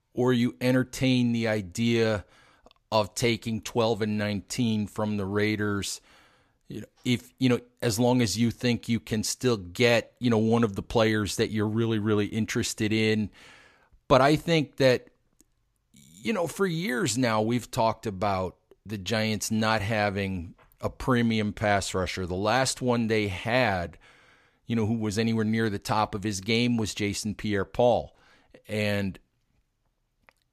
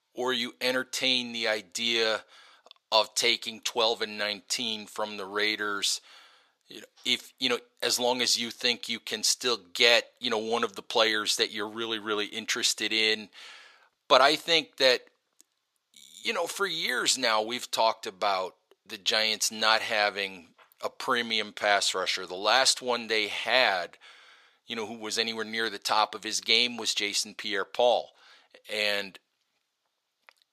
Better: first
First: none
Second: thin; very; fading below 550 Hz

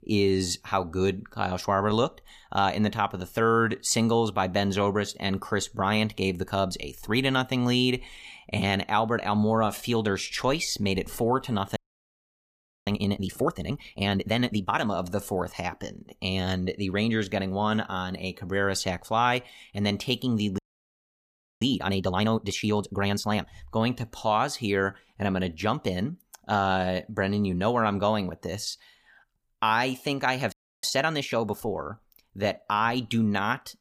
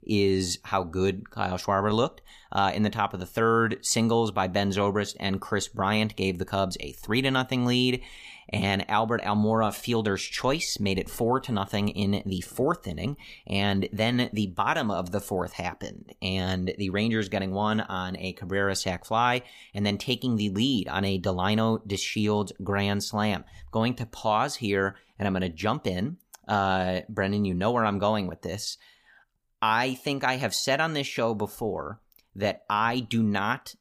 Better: second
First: audio freezing; at 12 s for 1 s, at 21 s for 1 s and at 31 s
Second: none

